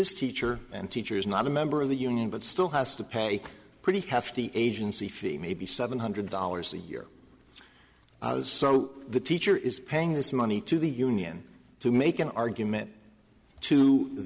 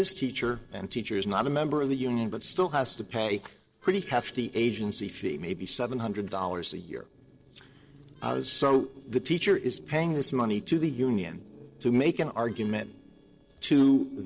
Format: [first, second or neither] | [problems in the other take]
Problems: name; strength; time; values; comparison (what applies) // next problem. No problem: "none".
first | noise reduction (neural separator model SepFormer DNS4)